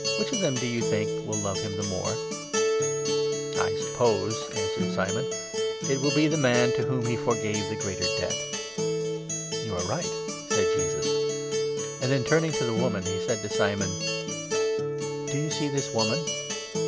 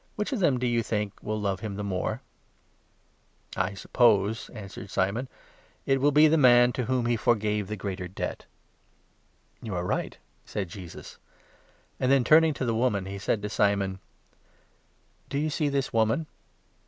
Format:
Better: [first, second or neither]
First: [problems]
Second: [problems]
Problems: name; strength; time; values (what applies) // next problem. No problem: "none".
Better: second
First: background sound (Acoustic guitar); 2 dB above the speech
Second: none